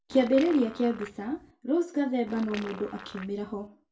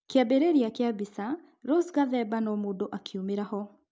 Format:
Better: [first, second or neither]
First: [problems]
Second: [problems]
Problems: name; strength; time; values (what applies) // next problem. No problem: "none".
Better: second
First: background sound (Fart); 16 dB below the speech // room echo; dies away in 0.2 s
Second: none